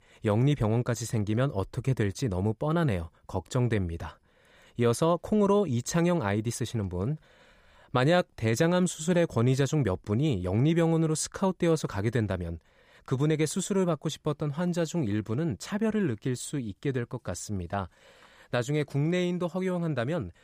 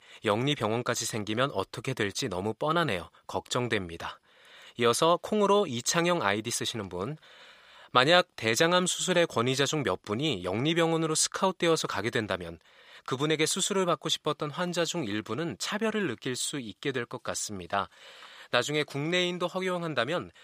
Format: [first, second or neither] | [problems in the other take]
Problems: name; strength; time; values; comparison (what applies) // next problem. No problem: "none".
first | thin; somewhat; fading below 600 Hz